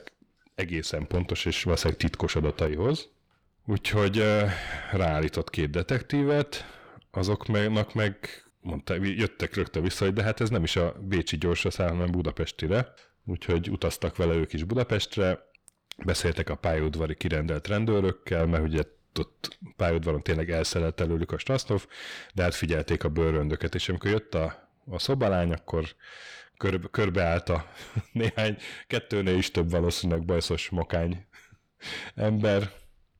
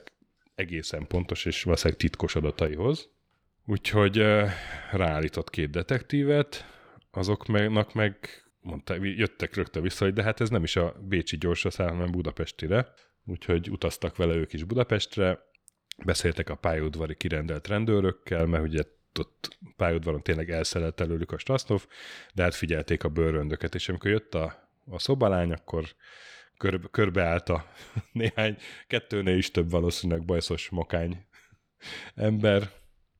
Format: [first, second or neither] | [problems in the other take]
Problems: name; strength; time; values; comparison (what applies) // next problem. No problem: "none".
second | distortion; slight; 10 dB below the speech